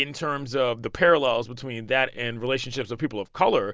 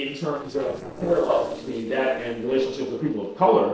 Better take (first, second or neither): first